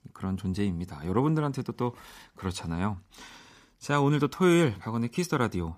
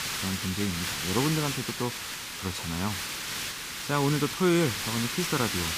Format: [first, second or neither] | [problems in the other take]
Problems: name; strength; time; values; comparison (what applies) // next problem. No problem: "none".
first | hiss; loud; throughout; 2 dB below the speech